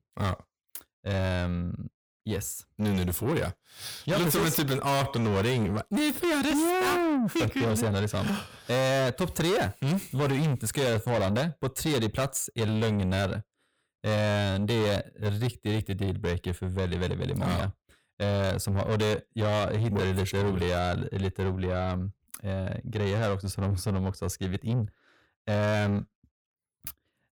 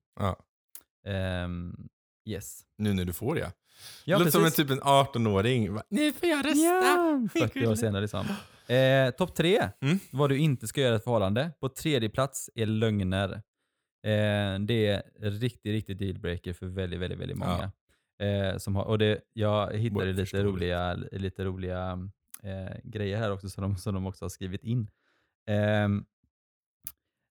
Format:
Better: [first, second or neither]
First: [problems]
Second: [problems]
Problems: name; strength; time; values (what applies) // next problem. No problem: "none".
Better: second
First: distortion; heavy; 6 dB below the speech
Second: none